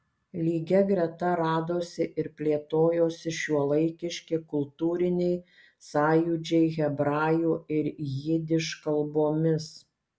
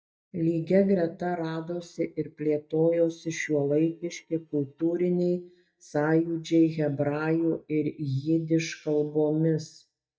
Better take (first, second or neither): first